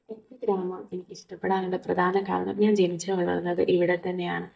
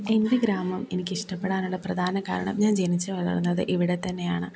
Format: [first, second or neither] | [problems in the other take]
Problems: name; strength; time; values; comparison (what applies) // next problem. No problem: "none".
second | noise reduction (neural mask model DeepFilterNet 3)